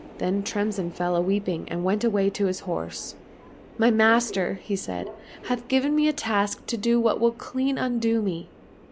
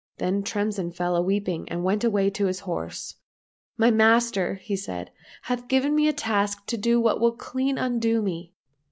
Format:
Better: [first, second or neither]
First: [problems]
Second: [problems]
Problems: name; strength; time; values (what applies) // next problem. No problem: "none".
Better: second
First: background sound (Subway, metro, underground); 19 dB below the speech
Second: none